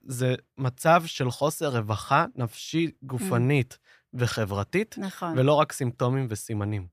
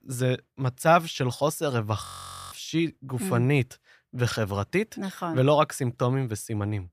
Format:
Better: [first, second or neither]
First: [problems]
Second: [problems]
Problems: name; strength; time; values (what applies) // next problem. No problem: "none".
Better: first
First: none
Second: audio freezing; at 2 s